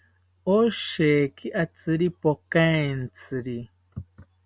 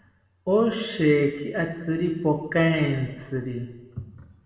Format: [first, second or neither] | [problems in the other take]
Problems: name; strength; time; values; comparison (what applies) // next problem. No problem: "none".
first | room echo; dies away in 1.2 s